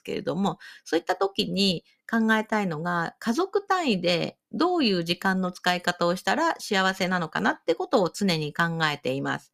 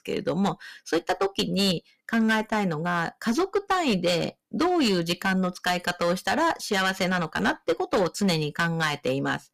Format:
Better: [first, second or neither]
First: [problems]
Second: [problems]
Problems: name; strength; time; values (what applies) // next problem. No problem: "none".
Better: first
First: none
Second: distortion; slight; 7% of the sound clipped